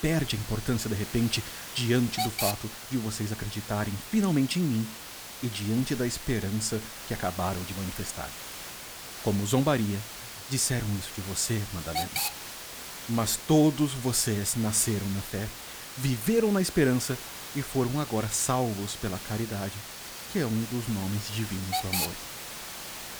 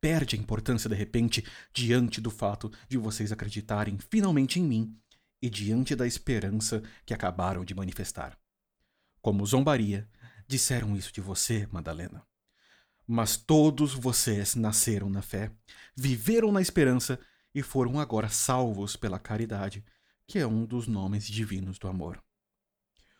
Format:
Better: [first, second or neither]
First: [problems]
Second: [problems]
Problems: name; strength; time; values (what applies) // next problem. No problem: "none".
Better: second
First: hiss; loud; throughout; 8 dB below the speech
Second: none